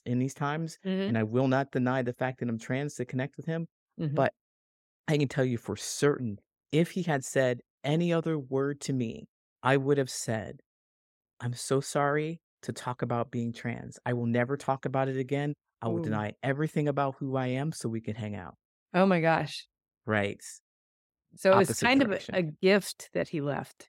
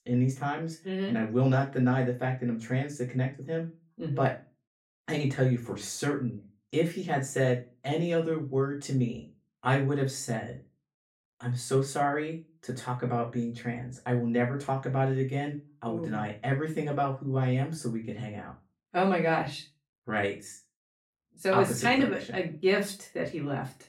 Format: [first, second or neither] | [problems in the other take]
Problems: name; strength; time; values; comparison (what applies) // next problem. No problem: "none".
first | off-mic speech; far // room echo; very slight; dies away in 0.3 s